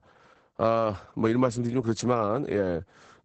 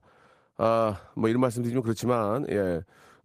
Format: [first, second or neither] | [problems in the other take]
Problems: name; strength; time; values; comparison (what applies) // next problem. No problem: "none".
second | garbled, watery; badly; nothing above 8 kHz; slightly in the second